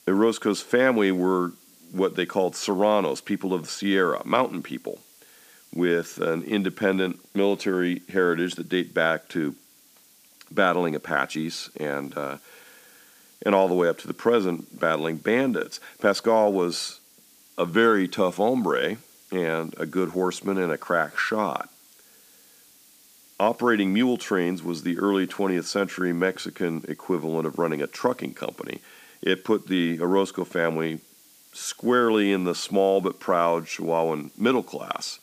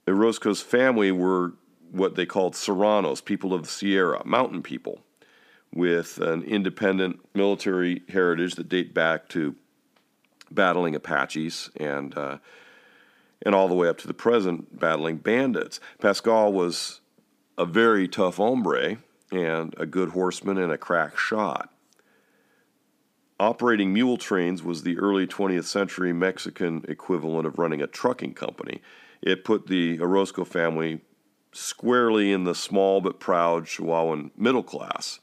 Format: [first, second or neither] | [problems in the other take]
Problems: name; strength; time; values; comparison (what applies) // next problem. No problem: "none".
second | hiss; faint; throughout; 25 dB below the speech